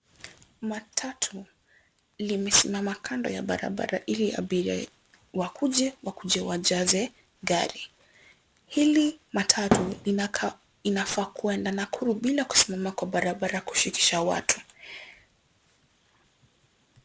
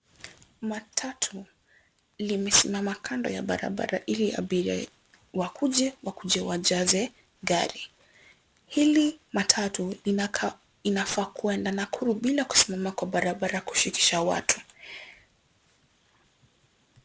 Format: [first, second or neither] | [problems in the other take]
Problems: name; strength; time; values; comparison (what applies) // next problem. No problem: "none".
second | background sound (Thump, thud); 2 dB above the speech